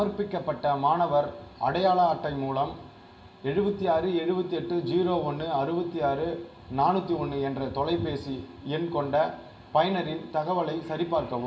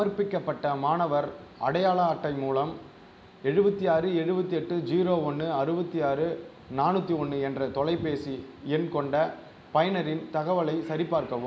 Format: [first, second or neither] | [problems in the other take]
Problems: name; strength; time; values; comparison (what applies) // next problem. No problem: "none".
second | room echo; dies away in 0.2 s